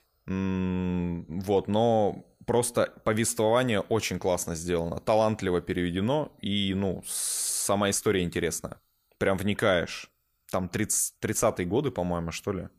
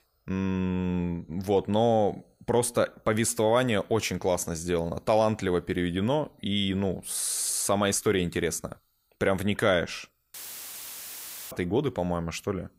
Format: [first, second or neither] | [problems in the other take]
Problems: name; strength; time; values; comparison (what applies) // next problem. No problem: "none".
first | audio cutting out; filled with static; at 10 s for 1 s